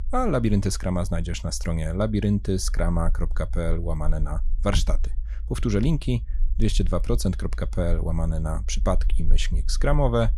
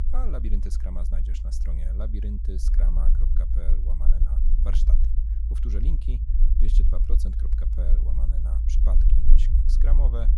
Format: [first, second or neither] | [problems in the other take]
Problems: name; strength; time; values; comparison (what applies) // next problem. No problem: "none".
first | low rumble; loud; throughout; 2 dB below the speech; faint in the first